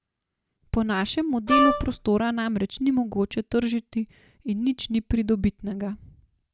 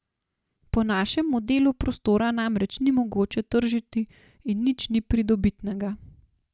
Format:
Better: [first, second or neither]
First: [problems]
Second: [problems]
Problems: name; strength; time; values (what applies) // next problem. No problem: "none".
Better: second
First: background sound (Wind instrument, woodwind instrument); 3 dB above the speech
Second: none